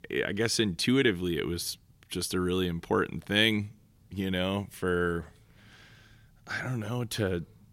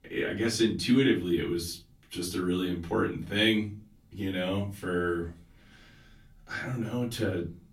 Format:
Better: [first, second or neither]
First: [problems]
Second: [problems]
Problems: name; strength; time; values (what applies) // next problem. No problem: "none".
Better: first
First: none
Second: off-mic speech; far // room echo; very slight; dies away in 0.3 s